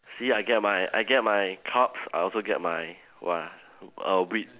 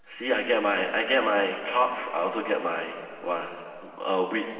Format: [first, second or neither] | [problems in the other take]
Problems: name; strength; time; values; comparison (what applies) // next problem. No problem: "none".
first | room echo; dies away in 2.7 s